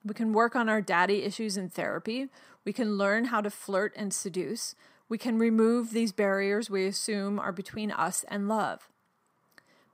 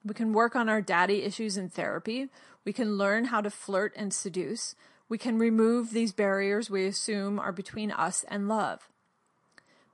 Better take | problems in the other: first | garbled, watery; slightly

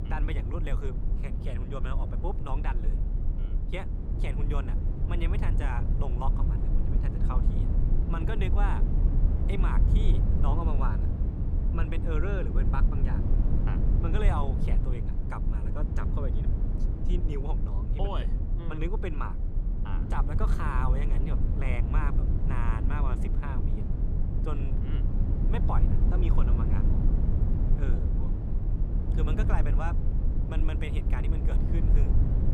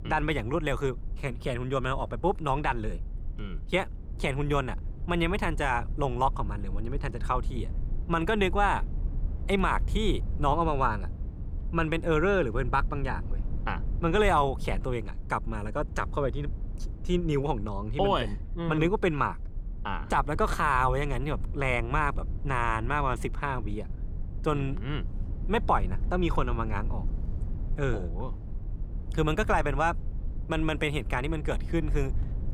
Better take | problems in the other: second | low rumble; loud; throughout; 4 dB below the speech; faint in the second

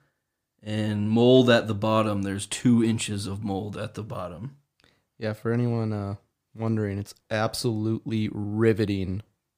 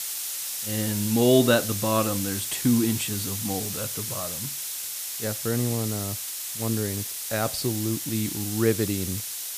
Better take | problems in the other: first | hiss; loud; throughout; 3 dB below the speech

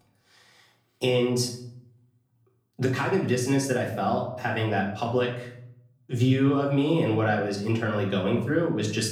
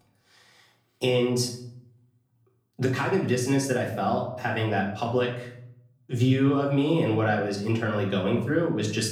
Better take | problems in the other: neither | off-mic speech; far; the same in both // room echo; slight; dies away in 0.6 s; the same in both

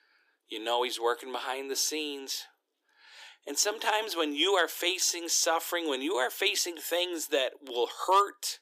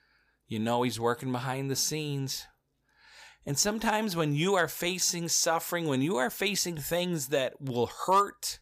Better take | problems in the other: second | thin; somewhat; fading below 300 Hz

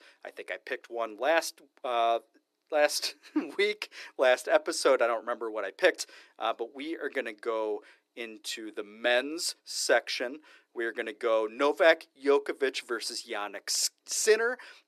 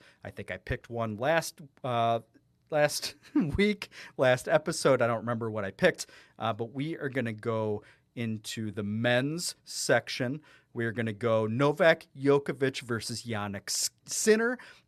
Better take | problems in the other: second | thin; somewhat; fading below 300 Hz

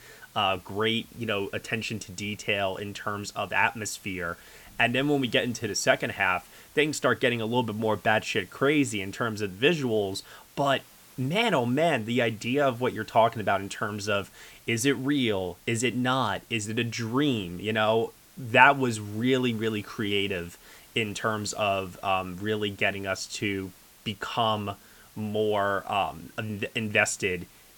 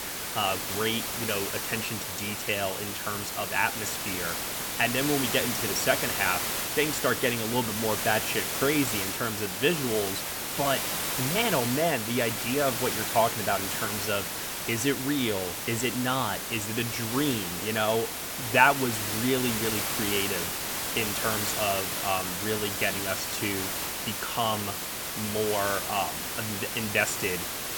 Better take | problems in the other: first | hiss; loud; throughout; 1 dB below the speech; faint in the first

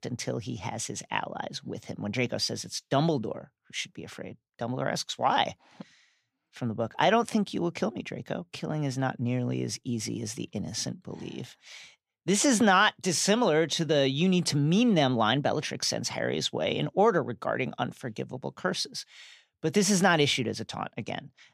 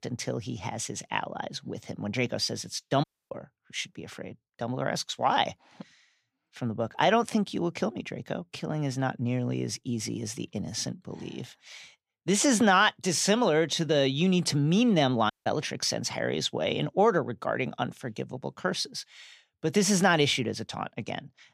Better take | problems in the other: first | audio cutting out; at 3 s and at 15 s

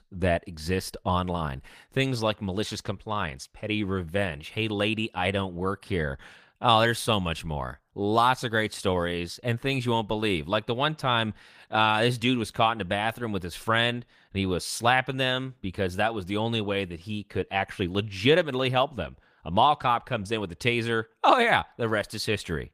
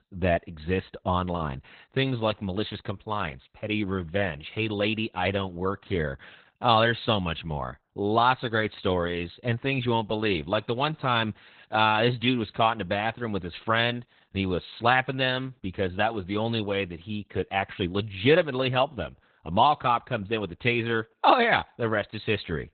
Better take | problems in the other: first | garbled, watery; badly; nothing above 4 kHz; slightly in the first

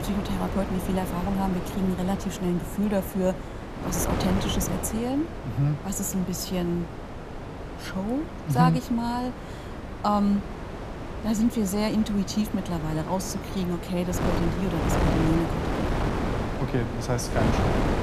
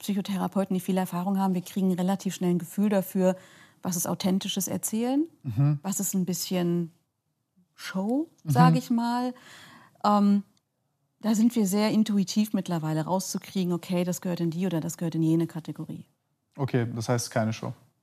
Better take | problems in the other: second | wind noise on the microphone; heavy; 3 dB below the speech

